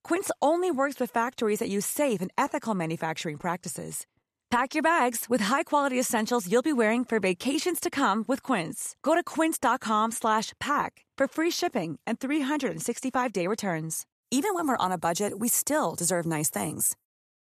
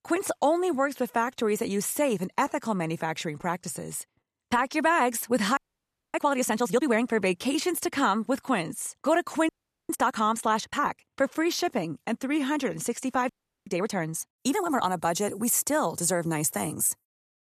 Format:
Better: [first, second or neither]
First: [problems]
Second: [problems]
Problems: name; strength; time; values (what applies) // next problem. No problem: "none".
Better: first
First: none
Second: audio freezing; at 5.5 s for 0.5 s, at 9.5 s and at 13 s